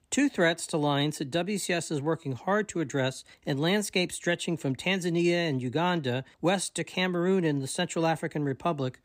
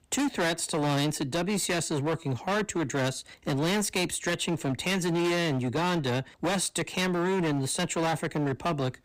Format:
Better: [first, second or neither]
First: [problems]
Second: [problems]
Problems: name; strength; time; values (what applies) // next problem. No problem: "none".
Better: first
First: none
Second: distortion; heavy; 24% of the sound clipped